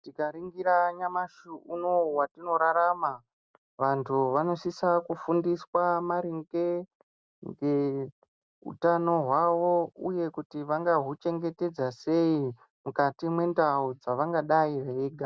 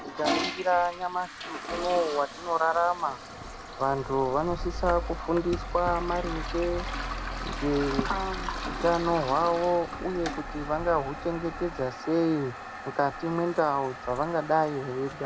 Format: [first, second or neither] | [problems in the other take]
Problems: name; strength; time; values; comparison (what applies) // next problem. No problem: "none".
first | background sound (Toilet flush + Motor vehicle (road)); 7 dB below the speech